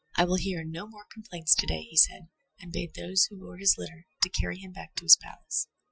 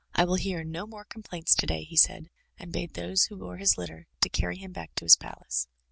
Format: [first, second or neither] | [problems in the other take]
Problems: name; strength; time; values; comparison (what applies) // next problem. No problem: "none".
second | noise reduction (classical method Wiener filter)